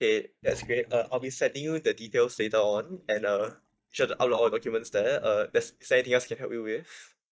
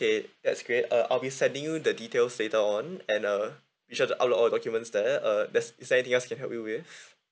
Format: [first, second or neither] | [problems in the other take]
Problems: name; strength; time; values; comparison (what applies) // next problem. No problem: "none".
second | noise reduction (neural mask model DeepFilterNet 3)